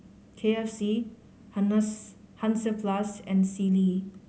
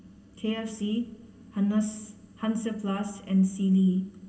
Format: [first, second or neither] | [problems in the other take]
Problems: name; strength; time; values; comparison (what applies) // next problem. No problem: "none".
first | room echo; dies away in 1.6 s